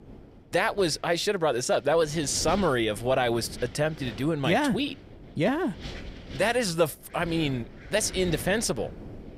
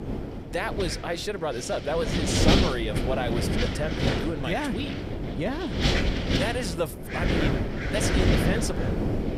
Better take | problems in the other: first | wind noise on the microphone; heavy; 1 dB above the speech; occasional gusts in the first

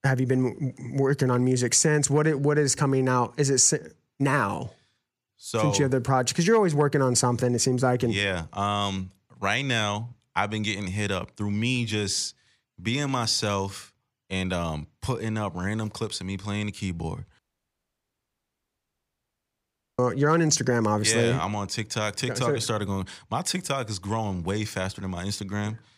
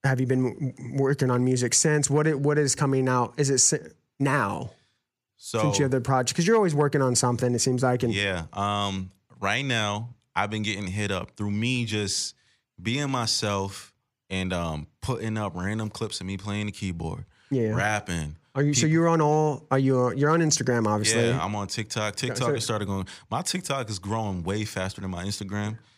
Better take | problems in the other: second | audio cutting out; at 17 s for 2.5 s

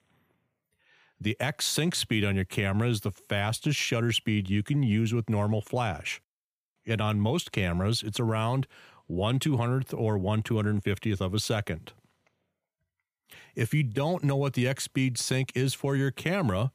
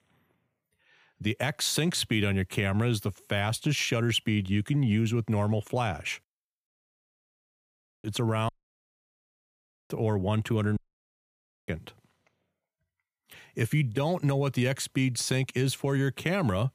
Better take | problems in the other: first | audio cutting out; at 6.5 s for 1.5 s, at 8.5 s for 1.5 s and at 11 s for 1 s

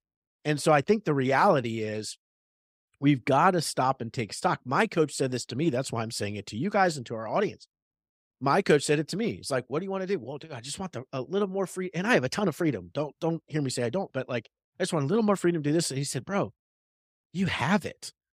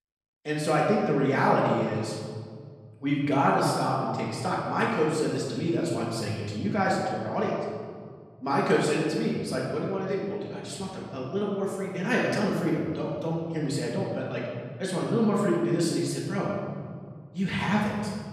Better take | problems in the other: first | off-mic speech; far // room echo; noticeable; dies away in 1.9 s

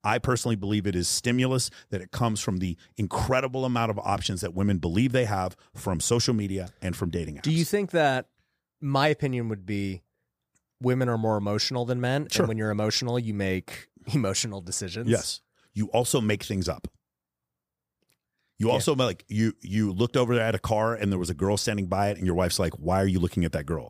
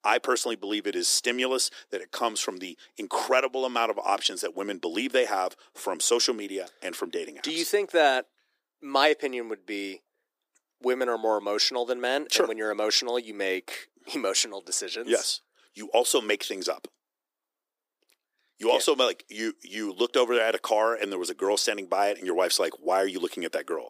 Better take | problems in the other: first | thin; very; fading below 300 Hz

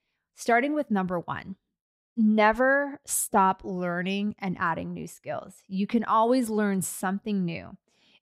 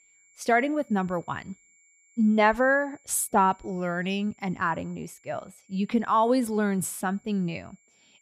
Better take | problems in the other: first | high-pitched whine; faint; throughout; 7.5 kHz, 35 dB below the speech

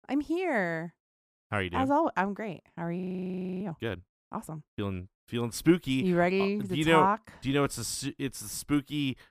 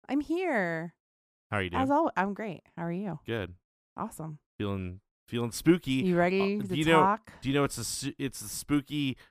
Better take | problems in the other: second | audio freezing; at 3 s for 0.5 s

